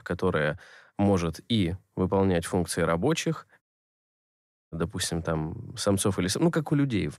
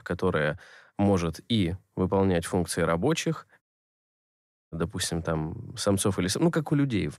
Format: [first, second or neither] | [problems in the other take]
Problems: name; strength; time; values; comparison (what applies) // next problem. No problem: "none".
neither | audio cutting out; at 3.5 s for 1 s; the same in both